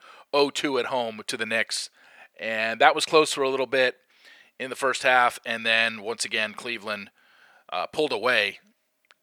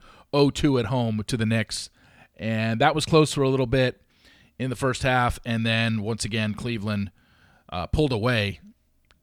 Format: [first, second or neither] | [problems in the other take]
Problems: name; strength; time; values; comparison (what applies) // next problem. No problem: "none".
second | thin; very; fading below 550 Hz